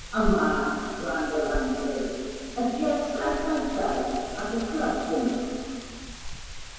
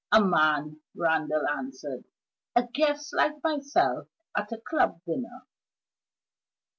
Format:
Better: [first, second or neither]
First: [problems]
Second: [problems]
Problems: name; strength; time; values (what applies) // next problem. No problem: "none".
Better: second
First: background sound (Wind); 8 dB below the speech // room echo; dies away in 2.2 s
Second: none